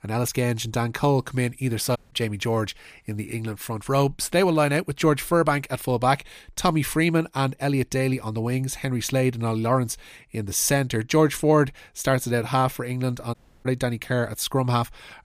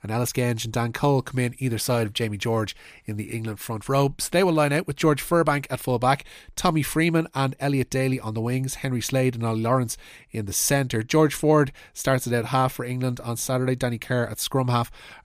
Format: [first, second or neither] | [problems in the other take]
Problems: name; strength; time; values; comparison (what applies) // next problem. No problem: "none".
second | audio cutting out; at 2 s and at 13 s